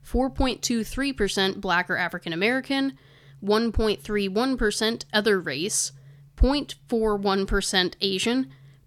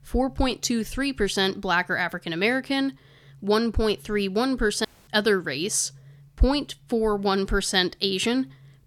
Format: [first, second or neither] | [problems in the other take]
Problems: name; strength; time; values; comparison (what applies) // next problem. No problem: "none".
first | audio cutting out; at 5 s